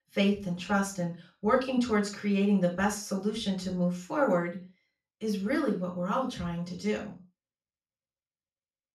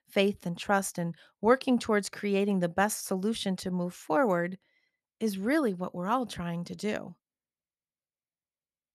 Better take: second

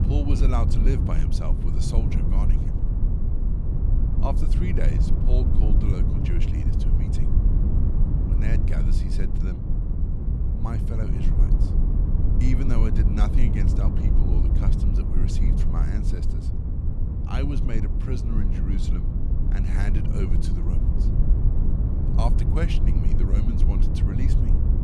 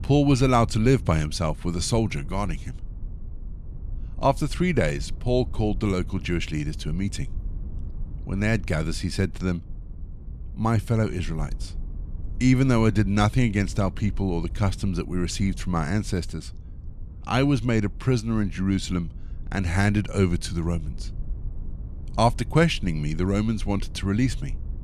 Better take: second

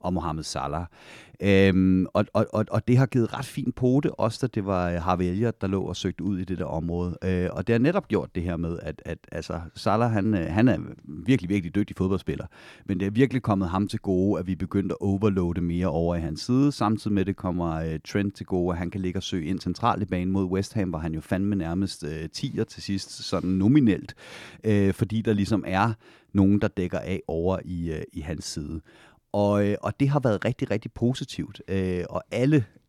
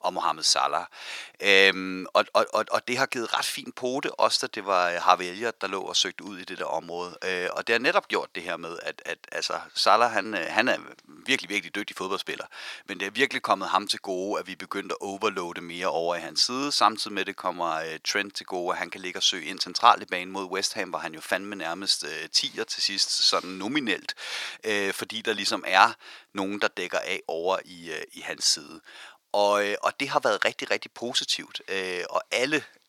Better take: first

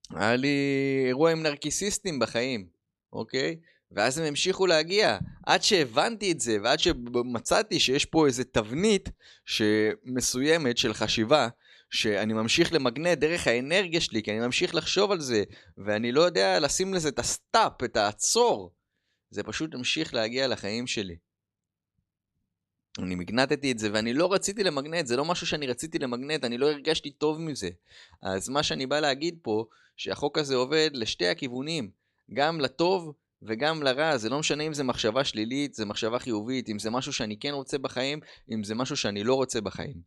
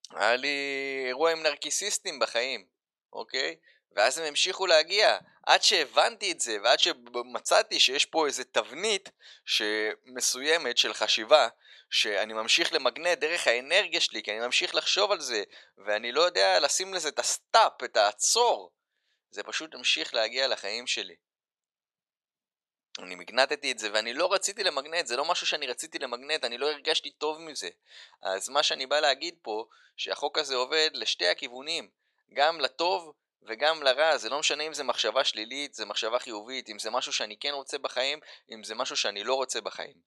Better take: first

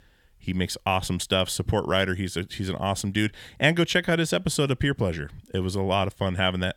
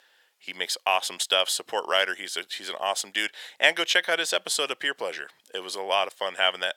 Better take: first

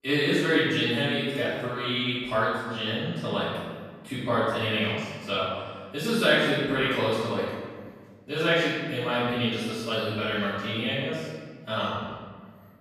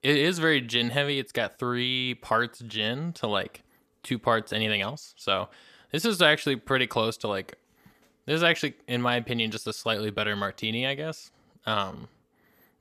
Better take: second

